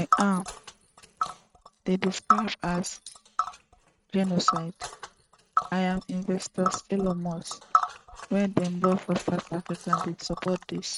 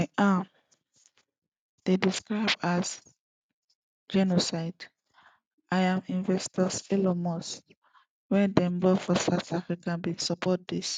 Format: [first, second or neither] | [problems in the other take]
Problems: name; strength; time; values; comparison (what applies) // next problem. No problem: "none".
second | noise reduction (neural mask model RNNoise)